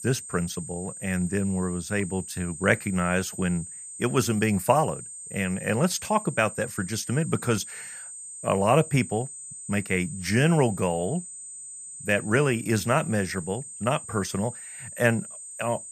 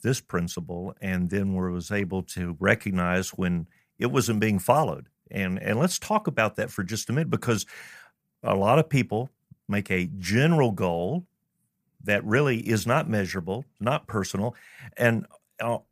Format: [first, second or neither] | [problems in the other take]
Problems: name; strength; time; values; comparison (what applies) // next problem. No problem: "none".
second | high-pitched whine; noticeable; throughout; 8.5 kHz, 10 dB below the speech